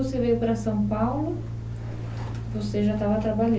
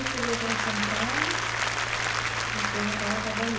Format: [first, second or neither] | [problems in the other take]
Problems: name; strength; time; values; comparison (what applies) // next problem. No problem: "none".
first | background sound (Applause); 5 dB above the speech